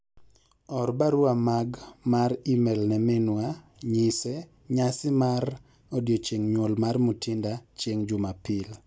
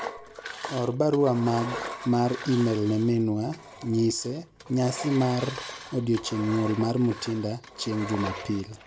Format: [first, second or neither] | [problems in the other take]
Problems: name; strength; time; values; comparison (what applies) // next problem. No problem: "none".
first | background sound (Engine); 12 dB below the speech